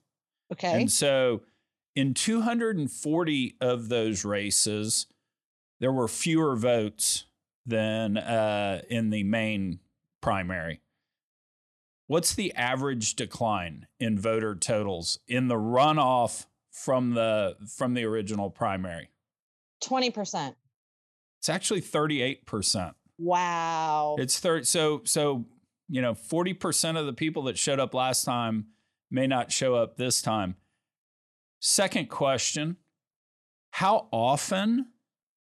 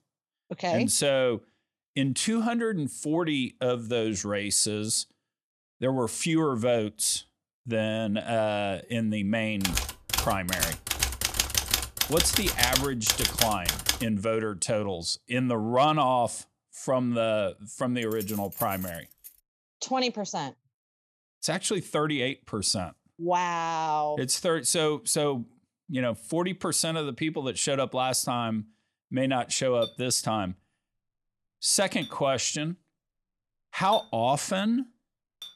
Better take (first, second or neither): first